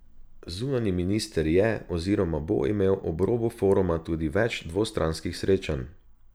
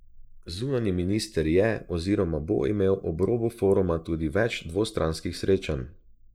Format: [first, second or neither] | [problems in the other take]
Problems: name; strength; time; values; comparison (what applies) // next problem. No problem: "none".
first | noise reduction (neural mask model Resemble Enhance denoiser)